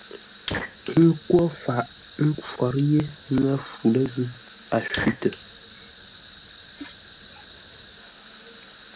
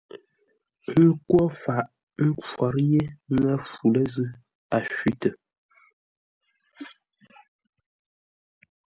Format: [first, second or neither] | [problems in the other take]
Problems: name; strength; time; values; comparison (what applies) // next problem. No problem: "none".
second | background sound (Fire); 14 dB below the speech